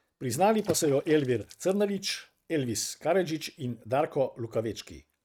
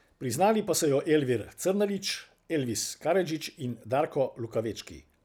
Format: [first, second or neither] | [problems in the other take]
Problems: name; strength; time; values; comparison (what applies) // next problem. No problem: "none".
second | noise reduction (neural mask model RNNoise)